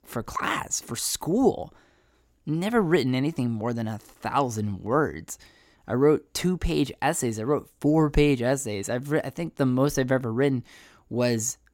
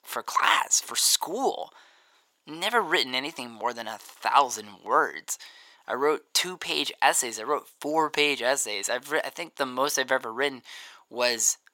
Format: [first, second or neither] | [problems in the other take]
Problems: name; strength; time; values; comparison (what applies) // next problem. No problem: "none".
first | thin; very; fading below 750 Hz